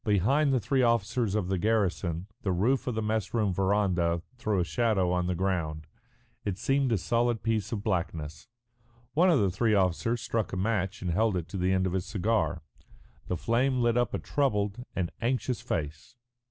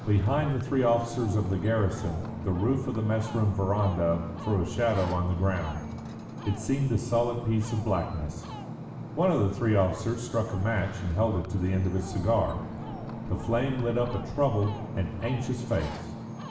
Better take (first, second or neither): first